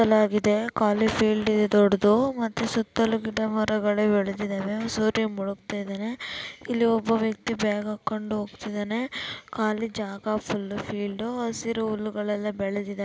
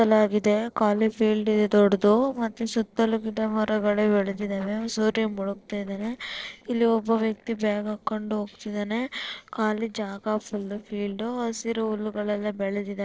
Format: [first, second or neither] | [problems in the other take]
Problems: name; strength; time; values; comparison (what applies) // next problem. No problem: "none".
first | noise reduction (neural separator model SepFormer DNS4)